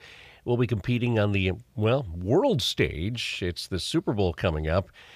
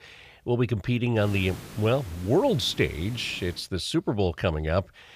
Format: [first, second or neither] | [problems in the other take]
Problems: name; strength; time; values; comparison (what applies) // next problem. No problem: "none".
first | hiss; noticeable; from 1 to 3.5 s; 15 dB below the speech